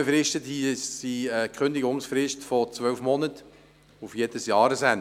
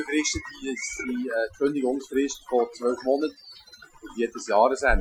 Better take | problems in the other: first | noise reduction (classical method Wiener filter)

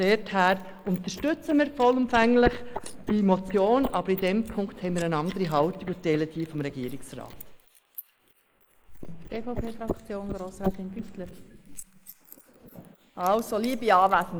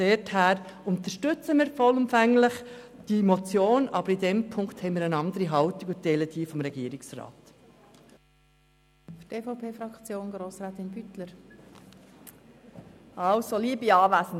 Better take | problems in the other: second | noise reduction (neural mask model Resemble Enhance denoiser)

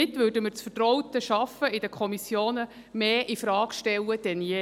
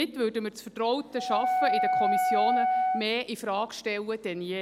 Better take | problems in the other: first | background sound (Wind instrument, woodwind instrument); 4 dB above the speech

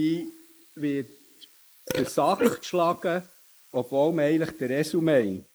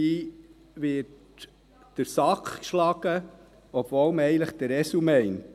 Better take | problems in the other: second | noise reduction (neural mask model Resemble Enhance denoiser)

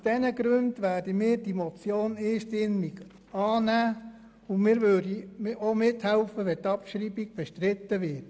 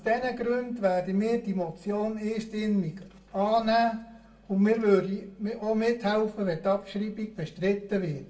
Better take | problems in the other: first | room echo; dies away in 0.3 s

